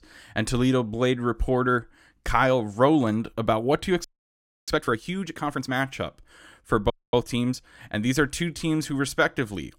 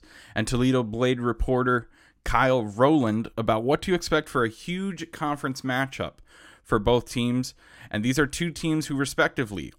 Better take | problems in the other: second | audio freezing; at 4 s for 0.5 s and at 7 s

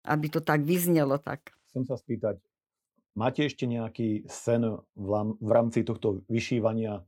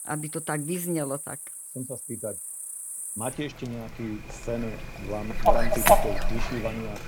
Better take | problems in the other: first | animal sounds; very loud; throughout; 5 dB above the speech

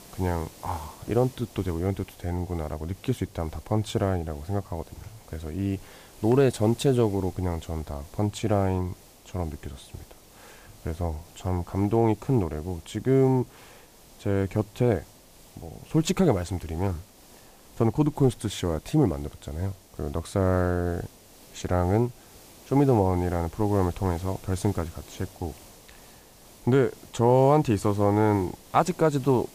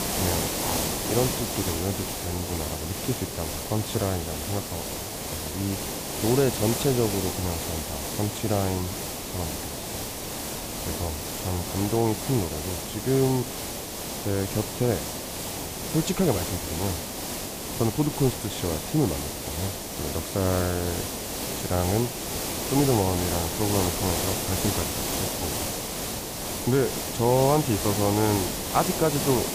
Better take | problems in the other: first | hiss; loud; throughout; 2 dB below the speech; faint in the first

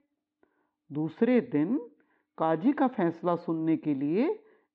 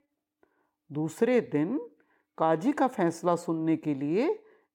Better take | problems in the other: second | muffled; slightly; fading above 4 kHz

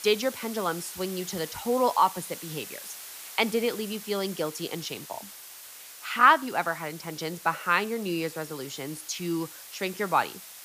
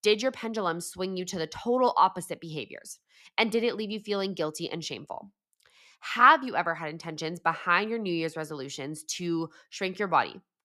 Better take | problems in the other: second | hiss; noticeable; throughout; 15 dB below the speech

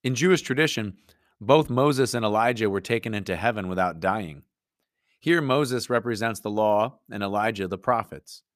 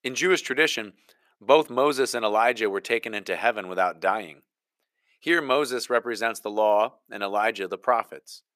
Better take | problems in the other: first | thin; somewhat; fading below 450 Hz

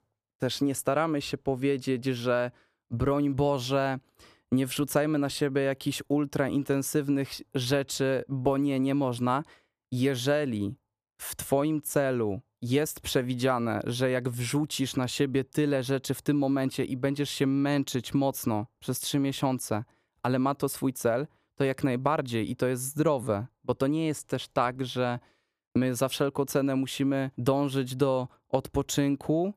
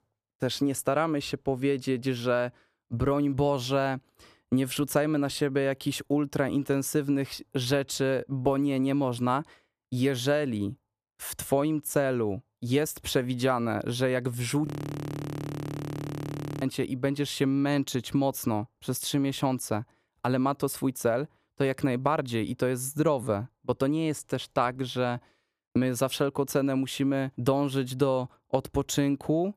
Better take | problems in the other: first | audio freezing; at 15 s for 2 s

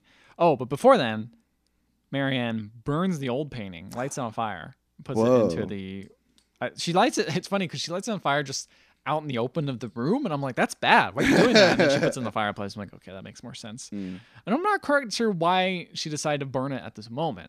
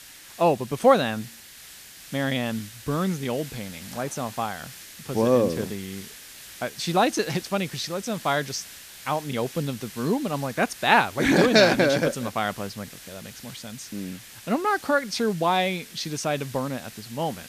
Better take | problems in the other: first | hiss; noticeable; throughout; 15 dB below the speech

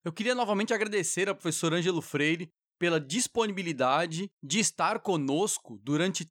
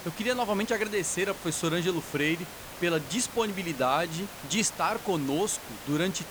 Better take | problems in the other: first | hiss; noticeable; throughout; 10 dB below the speech

